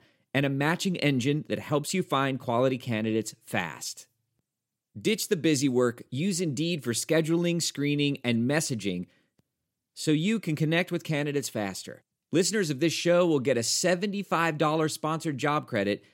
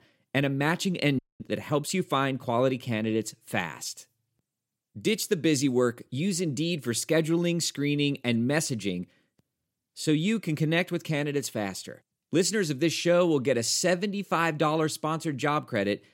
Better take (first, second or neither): first